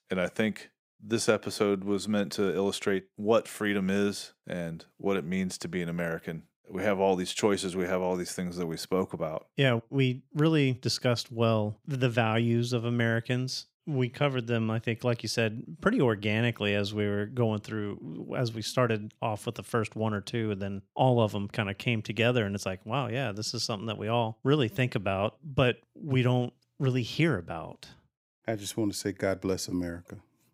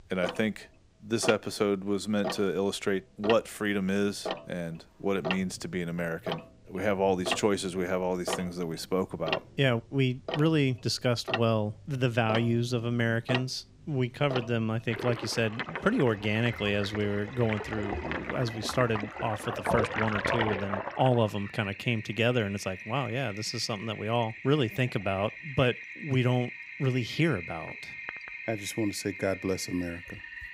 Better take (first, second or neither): first